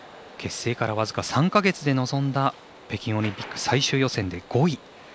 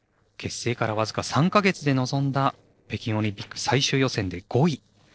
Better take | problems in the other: first | noise reduction (neural separator model SepFormer DNS4)

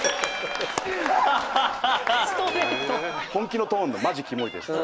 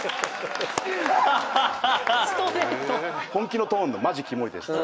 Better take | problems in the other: second | background sound (Keyboard (musical) + Meow); 11 dB below the speech

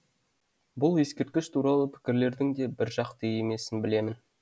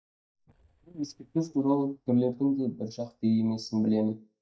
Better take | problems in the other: first | noise reduction (neural mask model DeepFilterNet 3)

